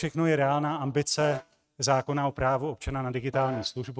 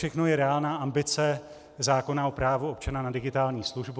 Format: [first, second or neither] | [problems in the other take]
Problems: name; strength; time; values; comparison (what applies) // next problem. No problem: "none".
second | noise reduction (neural mask model RNNoise)